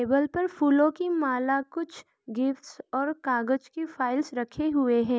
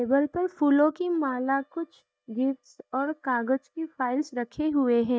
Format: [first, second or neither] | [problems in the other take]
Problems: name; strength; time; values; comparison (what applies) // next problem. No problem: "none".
first | noise reduction (neural mask model DeepFilterNet 3)